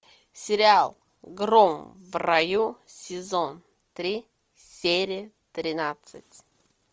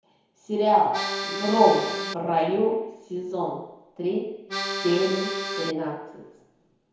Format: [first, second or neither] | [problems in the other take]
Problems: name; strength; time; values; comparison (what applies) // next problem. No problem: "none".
first | background sound (Accordion); 4 dB below the speech // room echo; dies away in 1 s